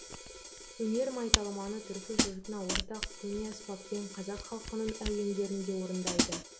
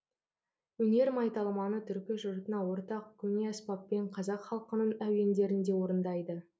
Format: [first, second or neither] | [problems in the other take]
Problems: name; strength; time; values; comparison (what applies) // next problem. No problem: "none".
second | background sound (Camera + Hi-hat); as loud as the speech